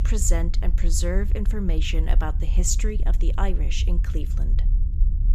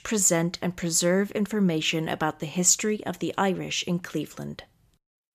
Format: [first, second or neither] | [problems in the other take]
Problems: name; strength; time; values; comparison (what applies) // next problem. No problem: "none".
second | low rumble; noticeable; throughout; 15 dB below the speech